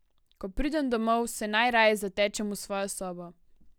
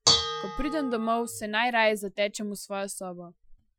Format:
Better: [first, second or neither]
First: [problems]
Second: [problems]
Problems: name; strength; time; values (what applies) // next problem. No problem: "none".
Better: first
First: none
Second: noise reduction (classical method Wiener filter)